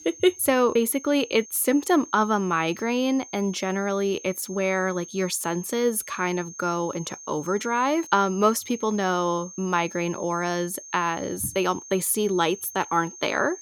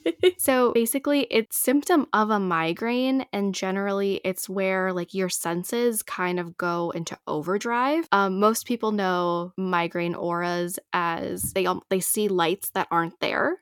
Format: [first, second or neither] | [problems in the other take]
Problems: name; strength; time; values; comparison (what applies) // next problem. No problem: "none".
second | high-pitched whine; noticeable; throughout; 6.5 kHz, 15 dB below the speech